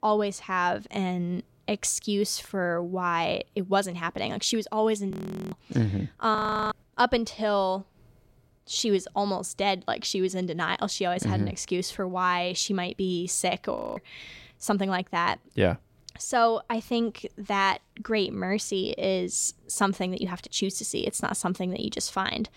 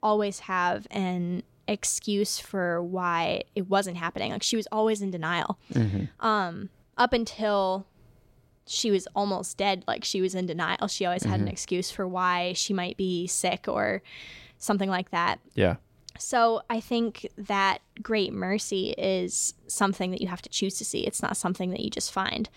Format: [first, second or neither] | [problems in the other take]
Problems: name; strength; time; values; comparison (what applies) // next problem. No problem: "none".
second | audio freezing; at 5 s, at 6.5 s and at 14 s